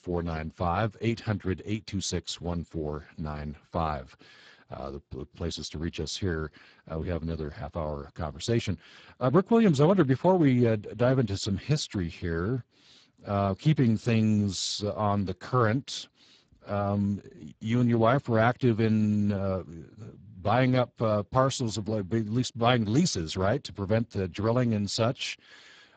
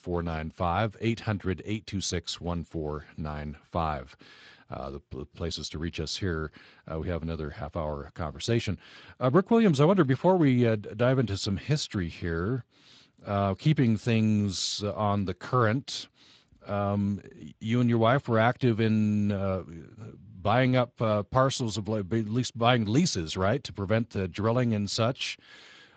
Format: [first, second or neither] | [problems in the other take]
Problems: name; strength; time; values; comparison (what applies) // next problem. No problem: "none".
second | garbled, watery; badly; nothing above 7.5 kHz; slightly in the second